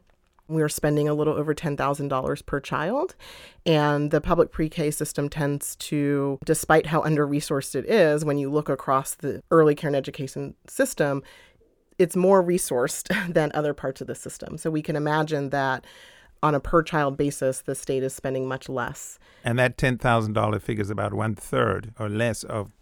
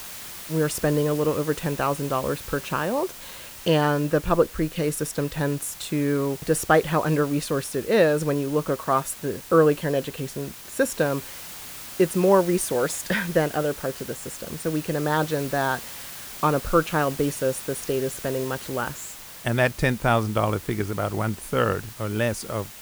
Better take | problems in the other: first | hiss; noticeable; throughout; 15 dB below the speech

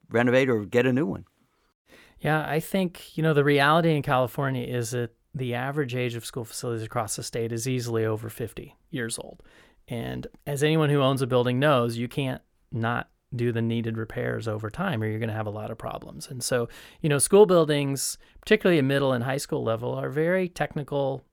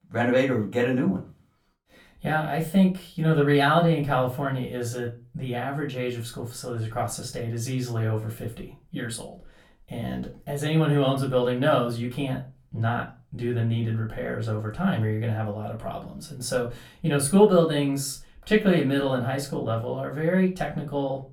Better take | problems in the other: first | off-mic speech; far // room echo; very slight; dies away in 0.3 s

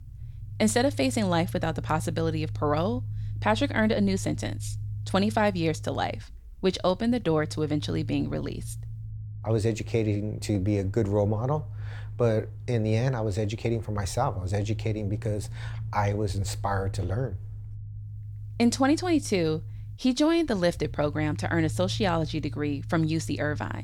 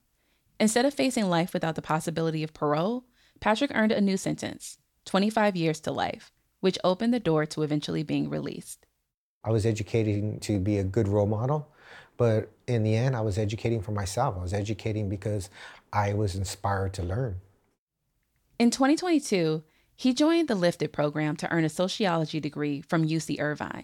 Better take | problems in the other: second | low rumble; faint; throughout; 20 dB below the speech

